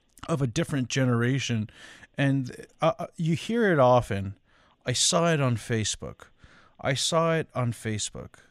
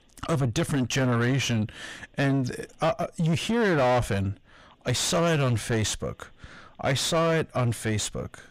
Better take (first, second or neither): first